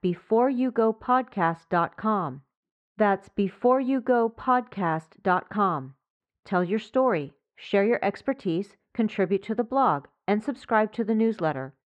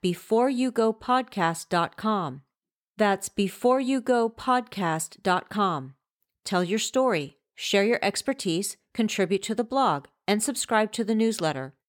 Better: second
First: muffled; very; fading above 1.5 kHz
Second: none

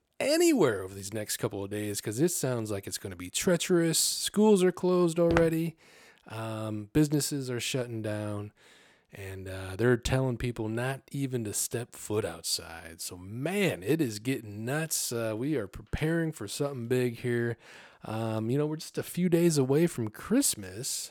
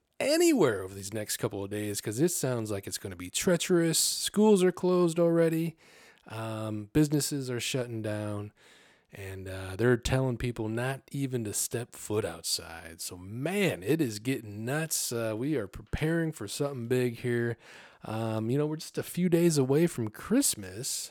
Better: second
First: footsteps; noticeable; at 5.5 s; peak 4 dB below the speech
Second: none

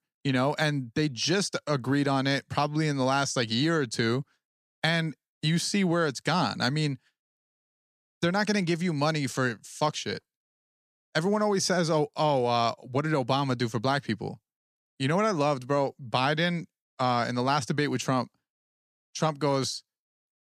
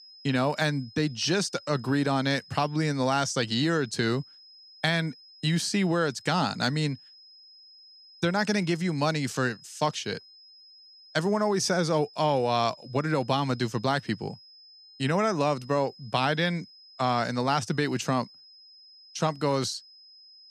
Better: first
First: none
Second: high-pitched whine; faint; throughout; 5 kHz, 20 dB below the speech

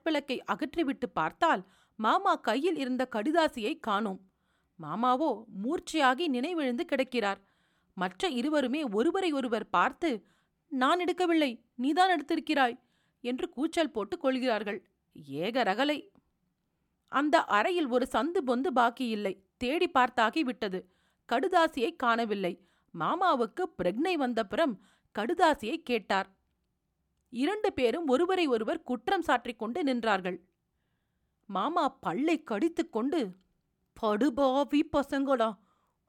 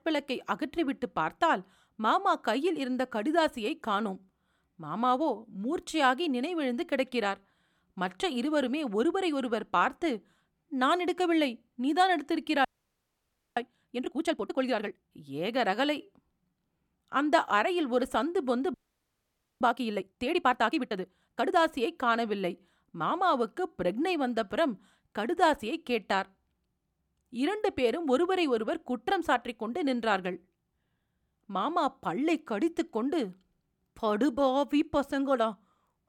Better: first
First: none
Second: audio freezing; at 13 s for 1 s and at 19 s for 1 s

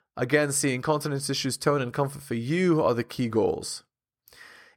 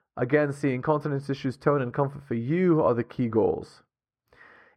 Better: first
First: none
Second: muffled; very; fading above 3.5 kHz

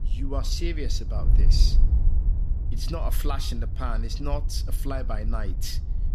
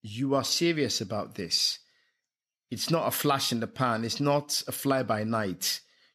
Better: second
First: wind noise on the microphone; occasional gusts; 10 dB below the speech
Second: none

